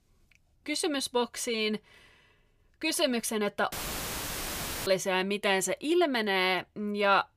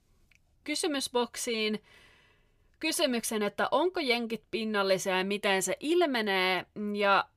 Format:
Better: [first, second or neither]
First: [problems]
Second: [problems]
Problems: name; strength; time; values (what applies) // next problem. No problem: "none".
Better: second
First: audio cutting out; filled with static; at 3.5 s for 1 s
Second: none